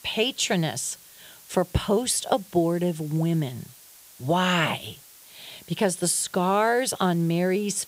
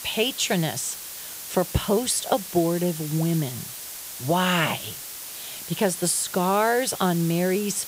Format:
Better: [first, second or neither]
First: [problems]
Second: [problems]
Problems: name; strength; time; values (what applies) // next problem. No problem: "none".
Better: first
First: hiss; faint; throughout; 20 dB below the speech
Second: hiss; loud; throughout; 10 dB below the speech